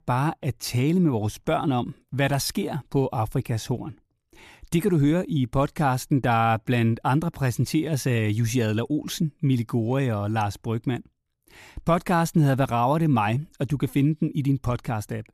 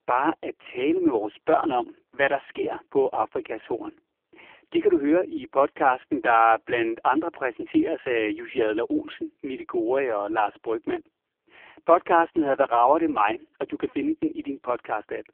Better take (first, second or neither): first